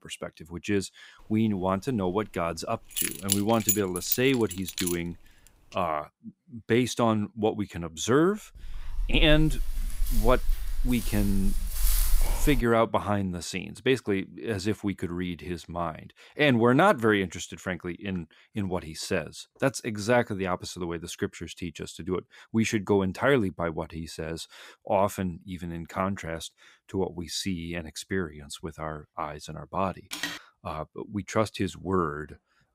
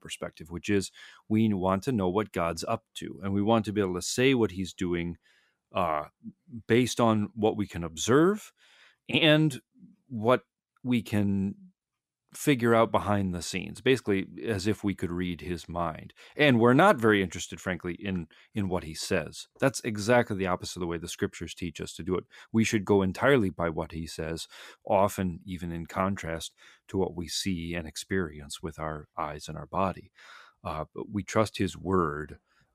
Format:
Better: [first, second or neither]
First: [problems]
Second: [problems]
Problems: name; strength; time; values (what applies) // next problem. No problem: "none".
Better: second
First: jangling keys; loud; from 3 to 5 s; peak 2 dB above the speech // dog barking; loud; from 8.5 to 13 s; peak 1 dB above the speech // phone ringing; noticeable; at 30 s; peak 5 dB below the speech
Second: none